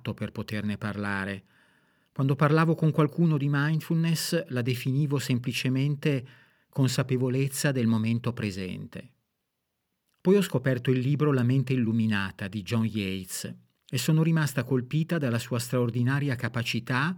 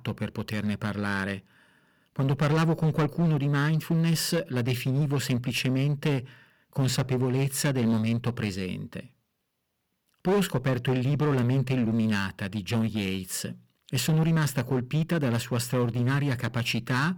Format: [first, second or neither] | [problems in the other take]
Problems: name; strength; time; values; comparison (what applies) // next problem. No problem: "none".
first | distortion; slight; 11% of the sound clipped